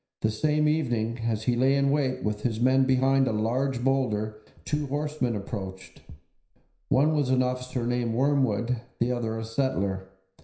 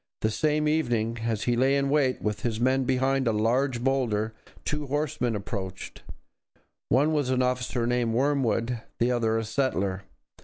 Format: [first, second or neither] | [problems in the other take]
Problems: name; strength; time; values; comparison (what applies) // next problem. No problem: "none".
second | room echo; dies away in 0.5 s